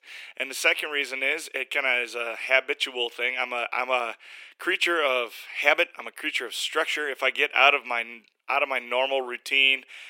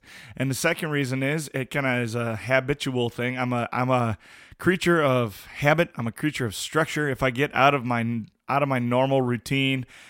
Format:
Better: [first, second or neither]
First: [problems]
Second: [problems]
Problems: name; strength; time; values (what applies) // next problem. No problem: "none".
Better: second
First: thin; very; fading below 400 Hz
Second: none